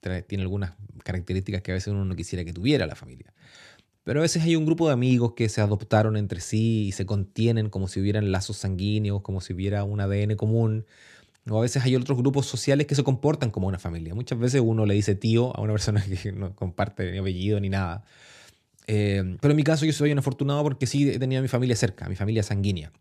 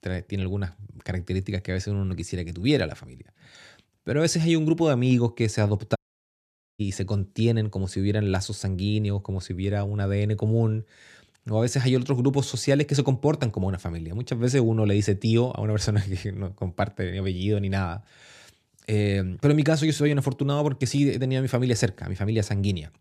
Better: first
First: none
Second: audio cutting out; at 6 s for 1 s

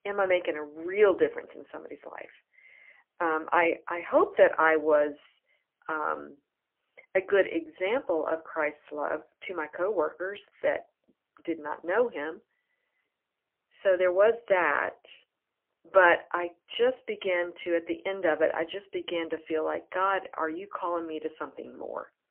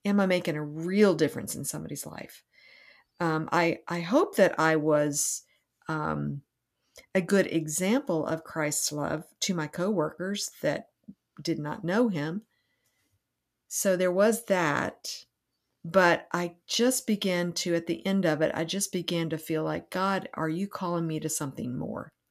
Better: second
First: phone-call audio; poor line; nothing above 3 kHz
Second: none

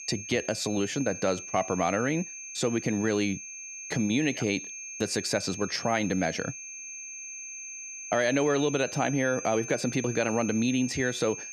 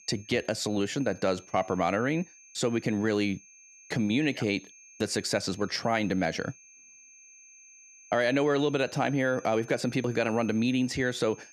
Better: second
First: high-pitched whine; loud; throughout; 6.5 kHz, 9 dB below the speech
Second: high-pitched whine; faint; throughout; 6.5 kHz, 25 dB below the speech

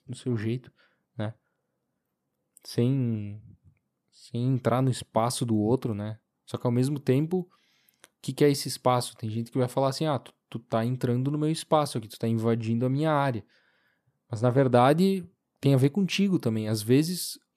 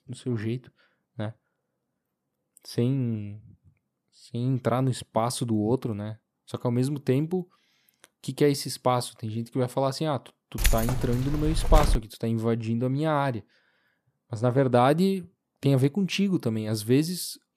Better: first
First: none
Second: jangling keys; loud; from 11 to 12 s; peak 1 dB above the speech

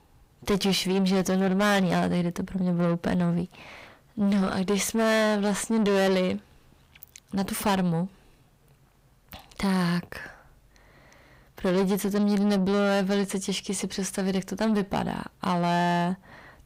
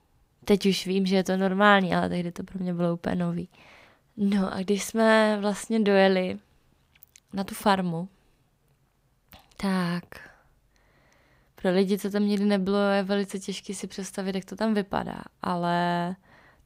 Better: second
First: distortion; heavy; 7 dB below the speech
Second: none

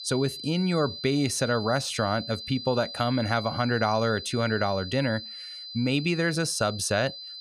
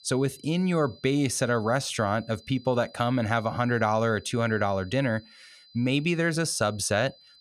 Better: second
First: high-pitched whine; loud; throughout; 4 kHz, 10 dB below the speech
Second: high-pitched whine; faint; throughout; 4 kHz, 25 dB below the speech

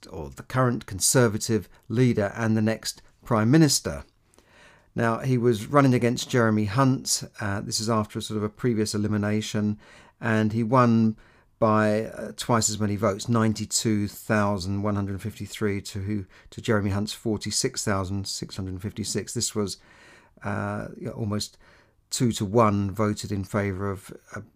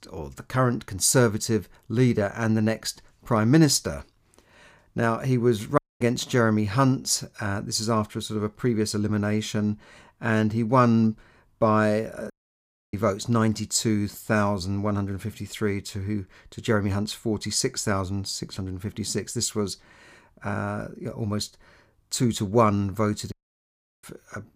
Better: first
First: none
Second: audio cutting out; at 6 s, at 12 s for 0.5 s and at 23 s for 0.5 s

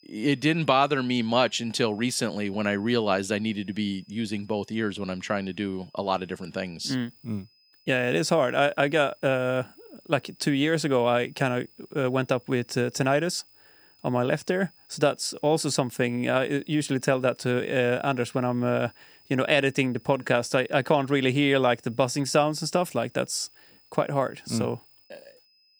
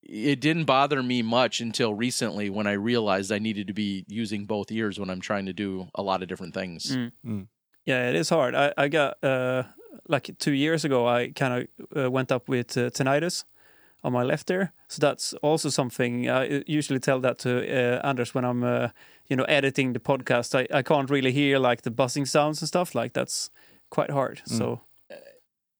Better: second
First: high-pitched whine; faint; throughout; 5 kHz, 35 dB below the speech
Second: none

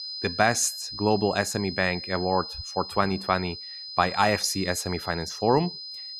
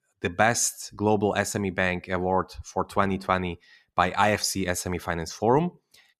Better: second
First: high-pitched whine; loud; throughout; 5 kHz, 9 dB below the speech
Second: none

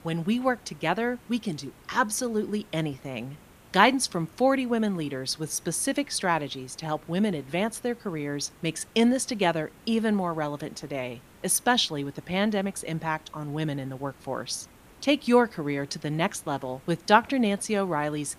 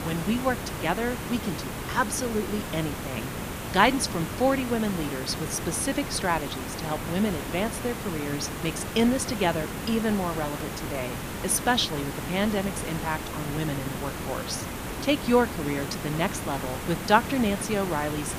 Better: first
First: hiss; faint; throughout; 25 dB below the speech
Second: hiss; loud; throughout; 6 dB below the speech

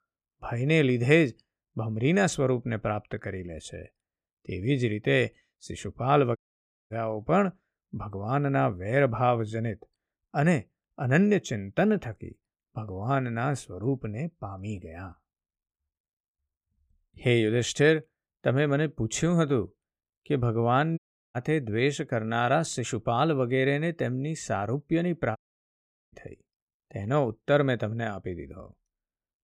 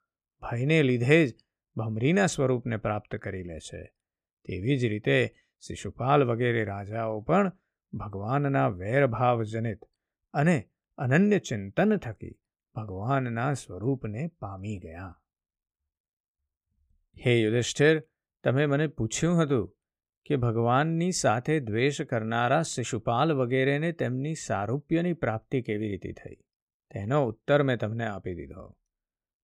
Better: second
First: audio cutting out; at 6.5 s for 0.5 s, at 21 s and at 25 s for 1 s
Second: none

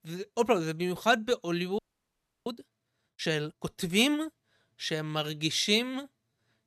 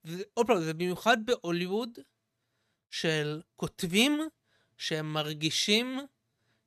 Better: second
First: audio freezing; at 2 s for 0.5 s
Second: none

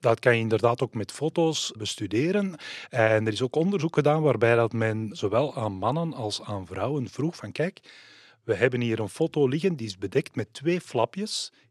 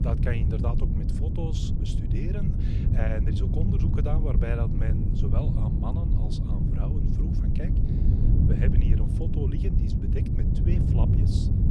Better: first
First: none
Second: wind noise on the microphone; heavy; 2 dB above the speech

